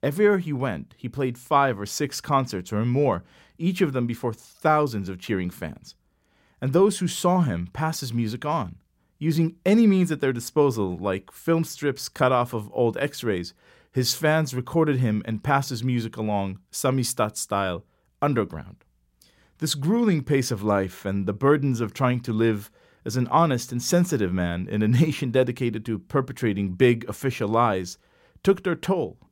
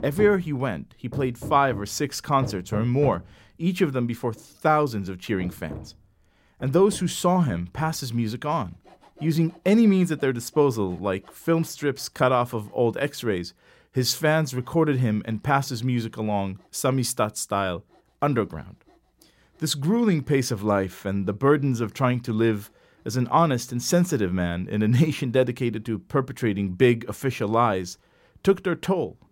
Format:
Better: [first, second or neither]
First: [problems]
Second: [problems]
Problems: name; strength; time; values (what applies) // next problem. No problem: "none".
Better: first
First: none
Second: machinery noise; noticeable; throughout; 15 dB below the speech